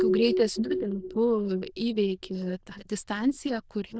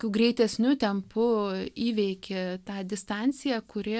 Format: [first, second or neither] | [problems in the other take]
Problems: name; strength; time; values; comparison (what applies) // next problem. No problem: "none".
second | noise reduction (neural diffusion model UNIVERSE++)